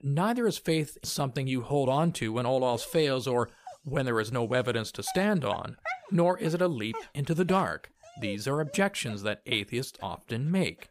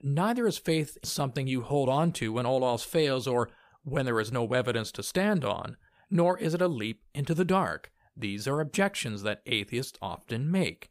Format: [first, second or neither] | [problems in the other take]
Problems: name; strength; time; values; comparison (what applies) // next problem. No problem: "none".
second | dog barking; noticeable; from 2.5 to 10 s; peak 7 dB below the speech